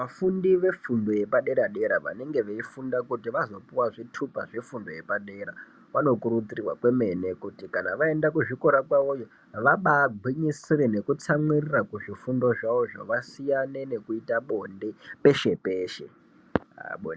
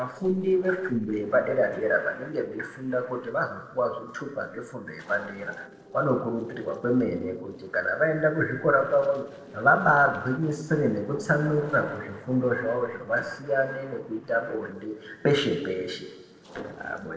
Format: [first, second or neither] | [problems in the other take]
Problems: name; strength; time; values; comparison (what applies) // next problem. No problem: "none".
first | noise reduction (neural separator model SepFormer DNS4)